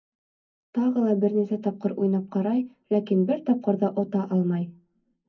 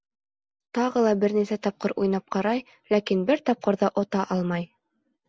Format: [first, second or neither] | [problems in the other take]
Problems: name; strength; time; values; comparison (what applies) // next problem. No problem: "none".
second | room echo; dies away in 0.3 s